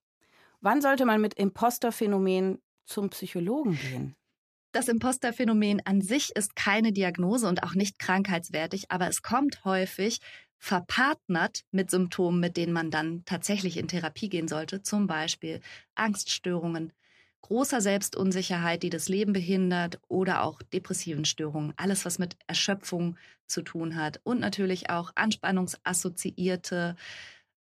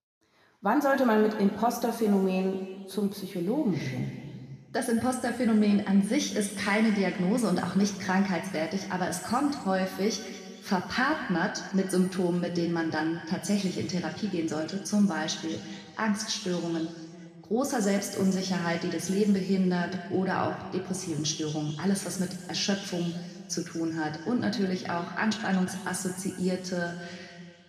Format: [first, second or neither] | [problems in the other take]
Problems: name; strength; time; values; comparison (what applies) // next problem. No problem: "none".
first | room echo; noticeable; dies away in 2 s // off-mic speech; somewhat distant